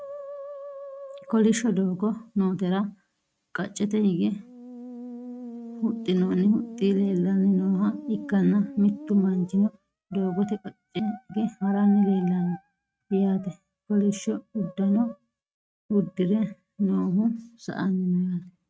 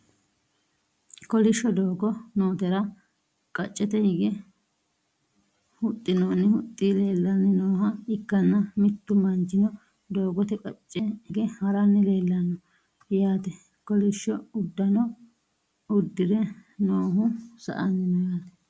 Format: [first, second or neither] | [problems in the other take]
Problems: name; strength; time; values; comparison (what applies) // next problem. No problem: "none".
second | noise reduction (neural mask model RNNoise)